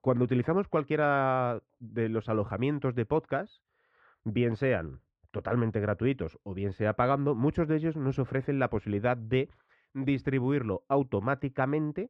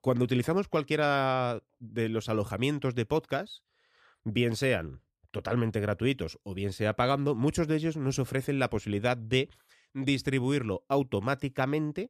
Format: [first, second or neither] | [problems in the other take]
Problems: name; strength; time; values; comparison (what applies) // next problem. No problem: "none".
second | muffled; very; fading above 1.5 kHz